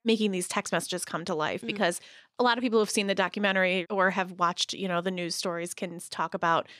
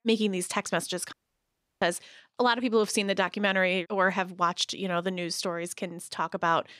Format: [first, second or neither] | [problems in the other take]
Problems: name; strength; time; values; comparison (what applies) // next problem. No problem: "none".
first | audio cutting out; at 1 s for 0.5 s